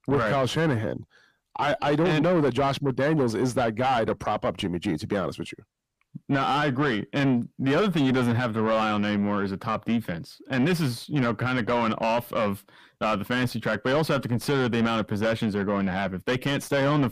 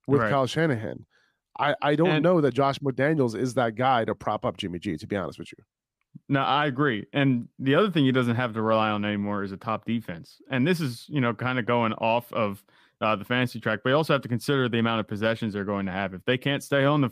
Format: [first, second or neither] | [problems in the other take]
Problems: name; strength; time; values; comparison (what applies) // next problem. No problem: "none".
second | distortion; heavy; 8 dB below the speech